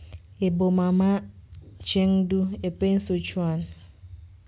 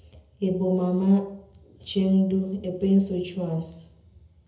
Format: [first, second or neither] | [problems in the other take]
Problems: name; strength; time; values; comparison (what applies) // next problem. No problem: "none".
first | room echo; dies away in 0.7 s